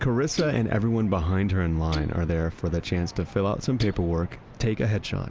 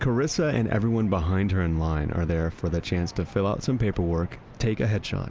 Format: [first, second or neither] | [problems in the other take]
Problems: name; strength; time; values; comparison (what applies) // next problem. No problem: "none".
second | background sound (Guitar); 17 dB below the speech